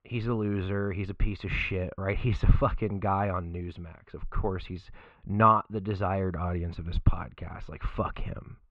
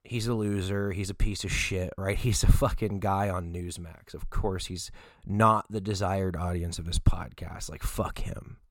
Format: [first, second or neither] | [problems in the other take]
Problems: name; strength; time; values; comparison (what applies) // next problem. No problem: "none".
second | muffled; very; fading above 3 kHz